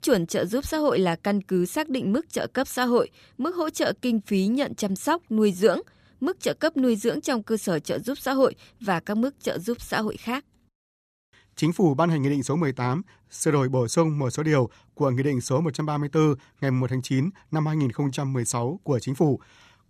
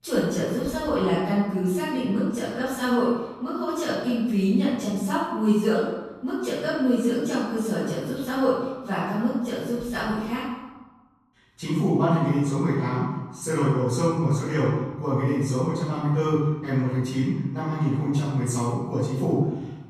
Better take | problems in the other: first | room echo; strong; dies away in 1 s // off-mic speech; far

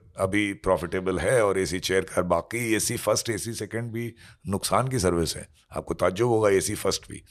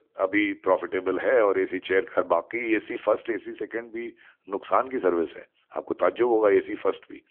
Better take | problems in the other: first | phone-call audio; nothing above 3.5 kHz

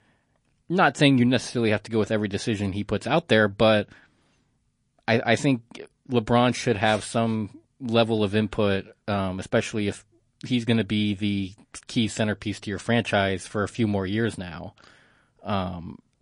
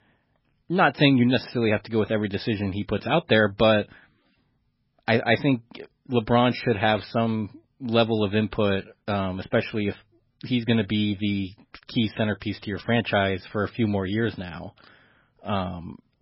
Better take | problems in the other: first | garbled, watery; badly; nothing above 5.5 kHz; slightly in the first

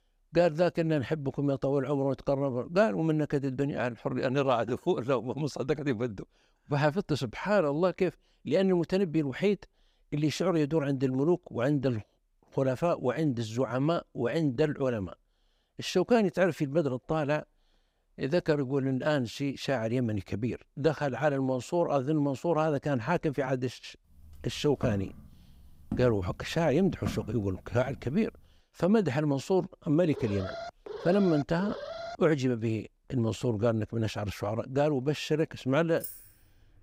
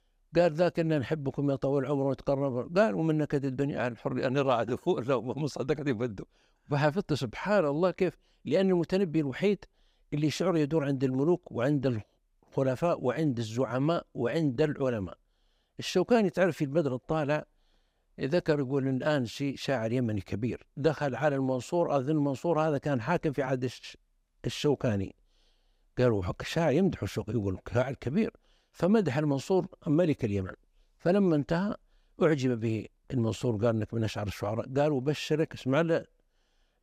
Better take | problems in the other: second | footsteps; noticeable; from 24 to 28 s; peak 9 dB below the speech // alarm; noticeable; from 30 to 32 s; peak 10 dB below the speech // jangling keys; faint; at 36 s; peak 10 dB below the speech

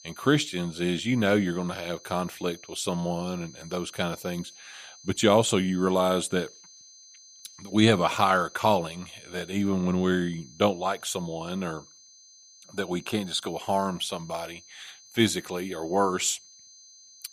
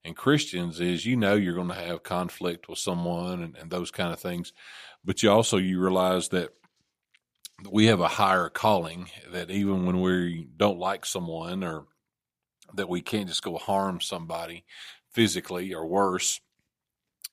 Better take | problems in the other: second | high-pitched whine; faint; throughout; 6 kHz, 20 dB below the speech

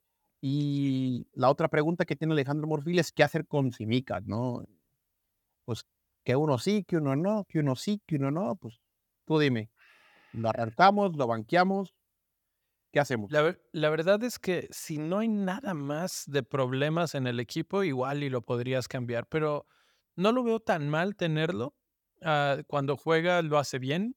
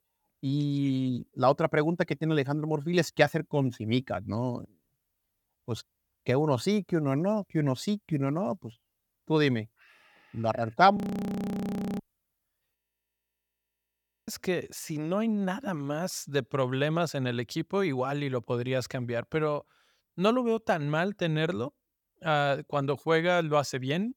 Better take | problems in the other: first | audio freezing; at 11 s for 1 s and at 13 s for 1.5 s

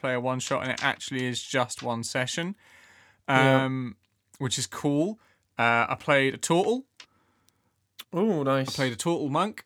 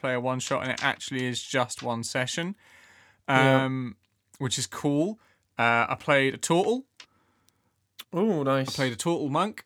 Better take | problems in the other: neither | none

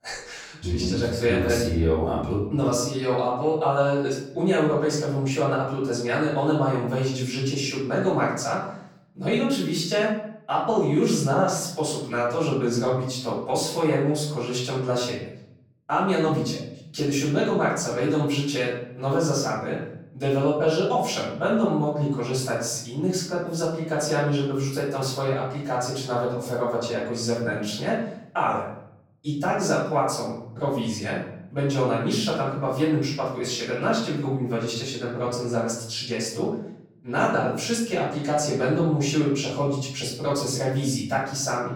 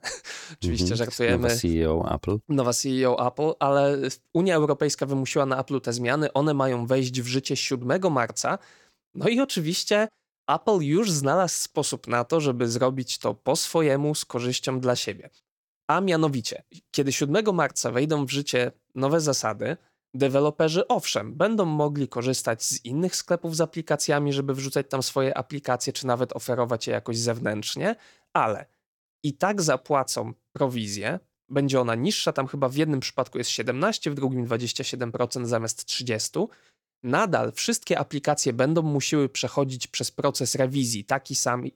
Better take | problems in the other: second | off-mic speech; far // room echo; noticeable; dies away in 0.7 s

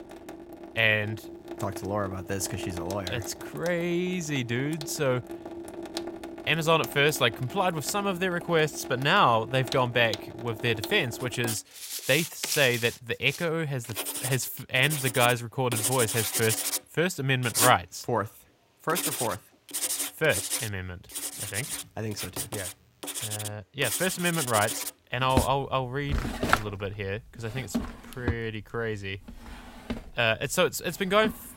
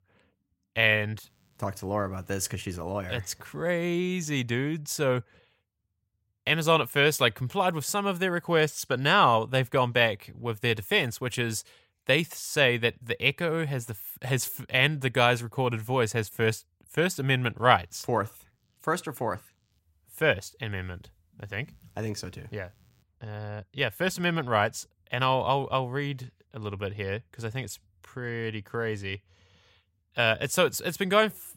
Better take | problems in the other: second | household noises; loud; throughout; 5 dB below the speech

